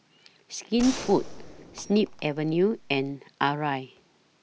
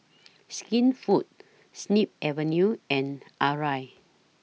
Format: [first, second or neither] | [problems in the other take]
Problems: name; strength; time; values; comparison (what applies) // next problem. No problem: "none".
second | background sound (Gunshot, gunfire); 12 dB below the speech